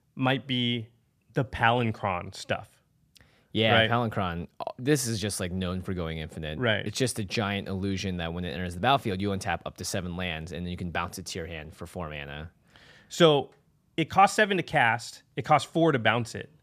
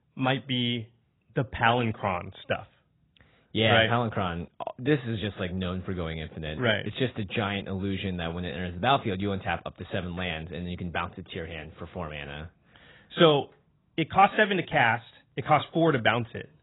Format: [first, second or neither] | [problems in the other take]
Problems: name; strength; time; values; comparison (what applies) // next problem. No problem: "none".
first | garbled, watery; badly; nothing above 3.5 kHz